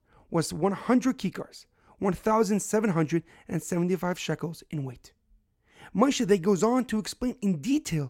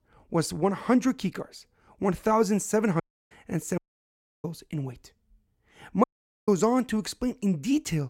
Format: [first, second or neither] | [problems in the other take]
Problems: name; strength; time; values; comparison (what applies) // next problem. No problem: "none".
first | audio cutting out; at 3 s, at 4 s for 0.5 s and at 6 s